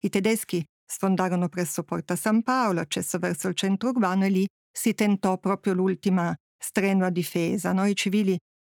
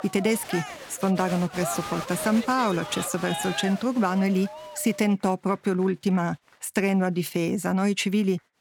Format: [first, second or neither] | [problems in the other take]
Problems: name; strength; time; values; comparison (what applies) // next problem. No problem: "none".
first | crowd noise; loud; throughout; 10 dB below the speech